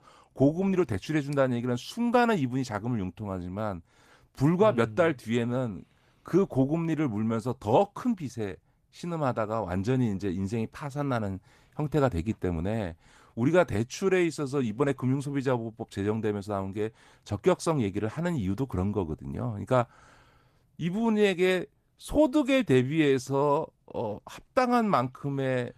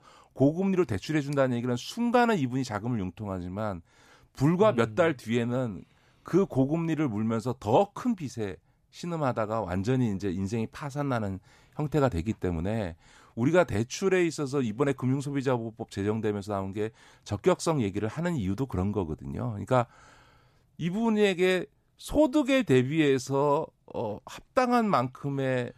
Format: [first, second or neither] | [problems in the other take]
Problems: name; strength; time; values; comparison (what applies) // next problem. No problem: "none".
second | garbled, watery; slightly; nothing above 14.5 kHz